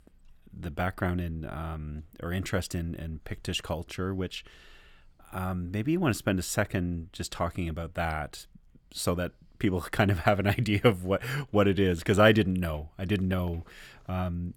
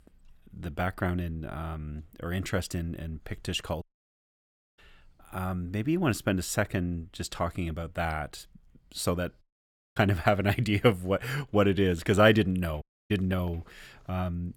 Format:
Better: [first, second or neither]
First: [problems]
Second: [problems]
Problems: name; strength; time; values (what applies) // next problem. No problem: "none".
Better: first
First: none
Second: audio cutting out; at 4 s for 1 s, at 9.5 s for 0.5 s and at 13 s